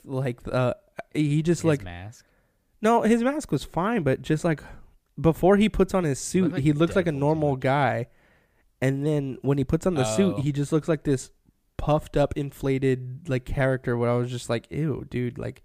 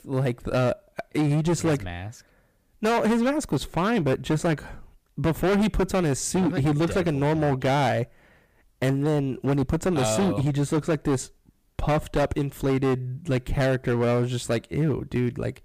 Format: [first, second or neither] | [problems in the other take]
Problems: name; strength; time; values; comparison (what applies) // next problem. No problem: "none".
first | distortion; heavy; 15% of the sound clipped